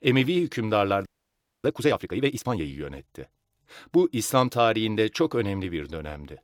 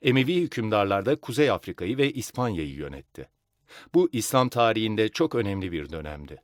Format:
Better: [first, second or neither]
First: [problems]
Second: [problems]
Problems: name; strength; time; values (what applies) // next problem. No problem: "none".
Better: second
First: audio freezing; at 1 s for 0.5 s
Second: none